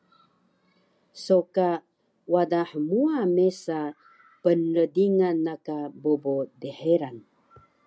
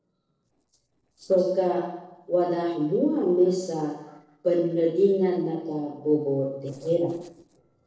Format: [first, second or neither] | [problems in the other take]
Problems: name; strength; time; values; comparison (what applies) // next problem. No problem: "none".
first | noise reduction (neural separator model SepFormer DNS4)